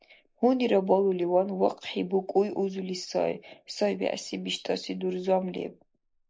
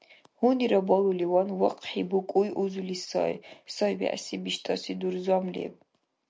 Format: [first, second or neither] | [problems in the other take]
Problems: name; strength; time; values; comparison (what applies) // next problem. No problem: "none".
second | noise reduction (neural mask model Resemble Enhance denoiser)